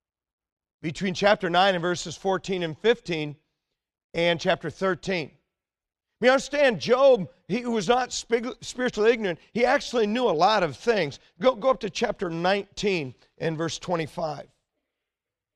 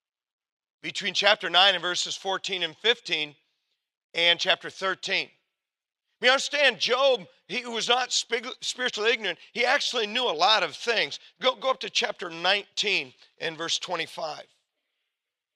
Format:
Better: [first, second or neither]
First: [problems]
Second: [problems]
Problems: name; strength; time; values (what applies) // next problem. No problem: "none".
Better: first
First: none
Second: thin; somewhat; fading below 1 kHz